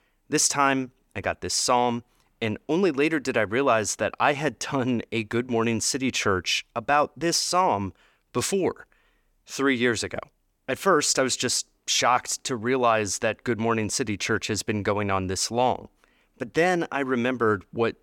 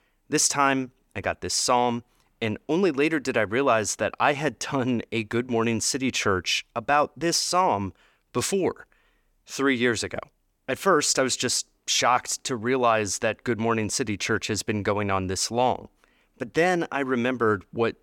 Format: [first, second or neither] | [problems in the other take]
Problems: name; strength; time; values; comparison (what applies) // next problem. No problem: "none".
neither | none